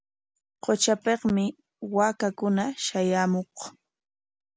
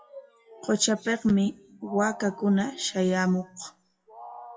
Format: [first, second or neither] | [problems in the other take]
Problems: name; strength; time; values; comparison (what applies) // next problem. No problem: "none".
first | noise reduction (classical method WPE with log-MMSE)